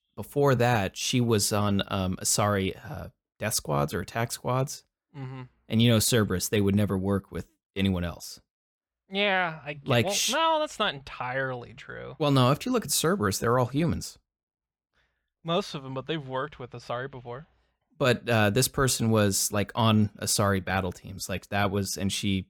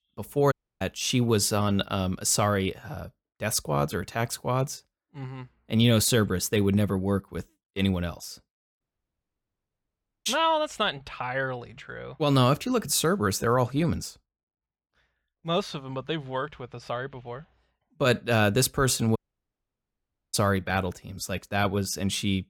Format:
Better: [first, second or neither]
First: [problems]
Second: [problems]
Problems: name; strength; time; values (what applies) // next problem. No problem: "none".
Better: first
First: none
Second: audio cutting out; at 0.5 s, at 9 s for 1.5 s and at 19 s for 1 s